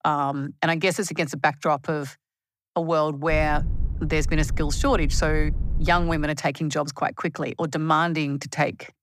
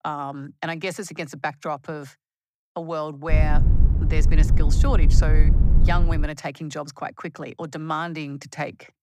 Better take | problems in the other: first | low rumble; loud; from 3.5 to 6.5 s; 7 dB below the speech; faint in the first

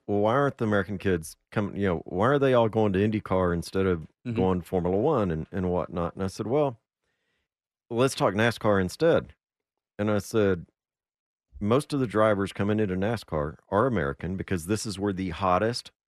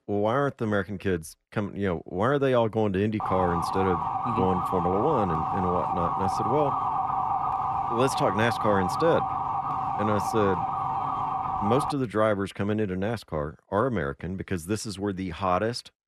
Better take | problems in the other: first | siren; loud; from 3 to 12 s; peak 1 dB above the speech

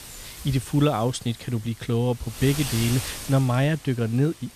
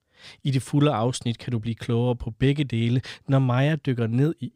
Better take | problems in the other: second | wind noise on the microphone; heavy; 8 dB below the speech

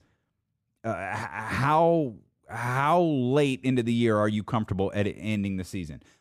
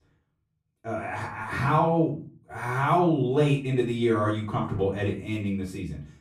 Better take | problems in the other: first | off-mic speech; far // room echo; slight; dies away in 0.3 s

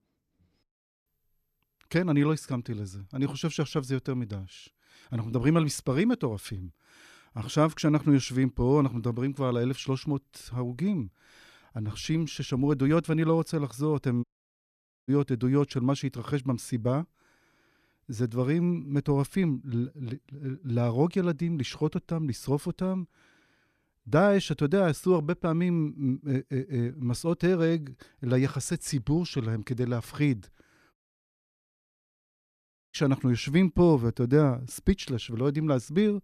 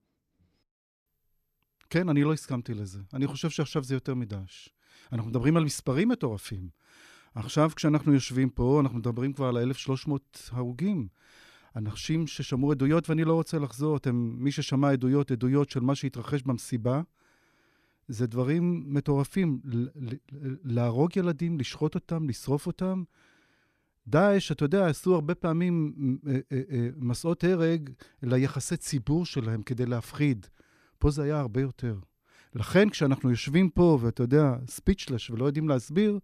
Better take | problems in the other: second | audio cutting out; at 14 s for 1 s and at 31 s for 2 s

